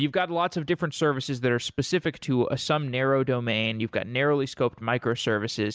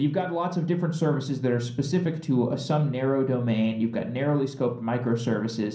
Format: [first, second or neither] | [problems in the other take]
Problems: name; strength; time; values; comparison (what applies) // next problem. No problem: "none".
first | room echo; dies away in 0.6 s